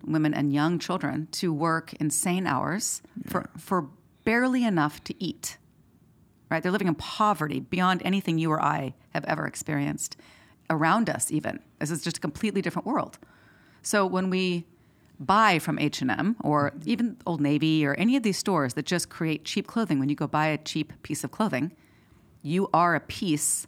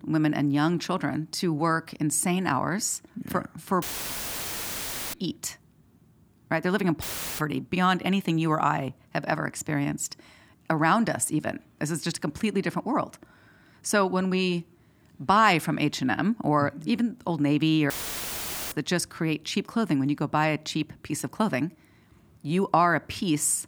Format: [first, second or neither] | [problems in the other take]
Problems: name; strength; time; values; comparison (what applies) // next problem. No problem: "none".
first | audio cutting out; filled with static; at 4 s for 1.5 s, at 7 s and at 18 s for 1 s